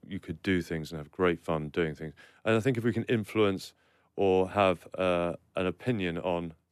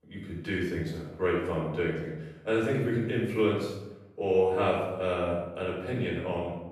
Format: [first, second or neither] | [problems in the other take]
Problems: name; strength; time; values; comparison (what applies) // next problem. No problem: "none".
first | off-mic speech; far // room echo; noticeable; dies away in 0.9 s